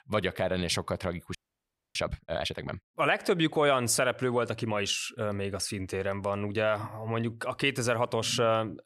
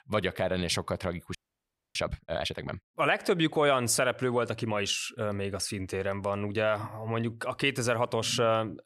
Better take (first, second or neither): neither